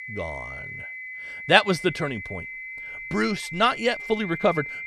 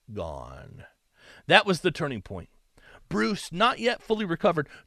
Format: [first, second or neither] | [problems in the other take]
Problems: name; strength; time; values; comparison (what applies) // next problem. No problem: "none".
second | high-pitched whine; noticeable; throughout; 2 kHz, 10 dB below the speech